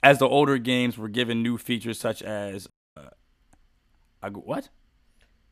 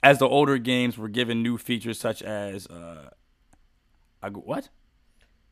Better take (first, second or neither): second